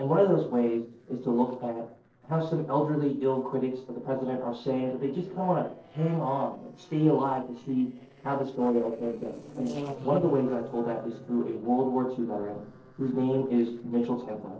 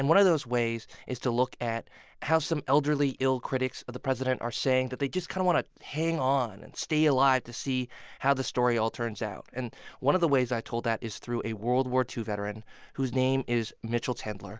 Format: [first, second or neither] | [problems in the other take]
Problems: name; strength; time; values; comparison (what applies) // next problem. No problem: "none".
second | noise reduction (neural separator model SepFormer DNS4)